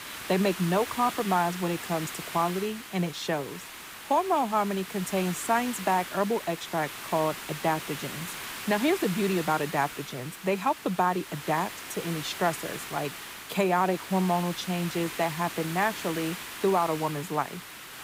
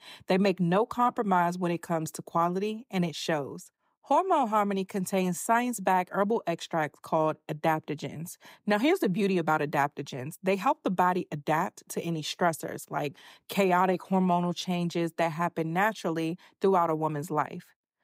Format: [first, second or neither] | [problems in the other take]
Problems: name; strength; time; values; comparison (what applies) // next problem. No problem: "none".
second | hiss; loud; throughout; 9 dB below the speech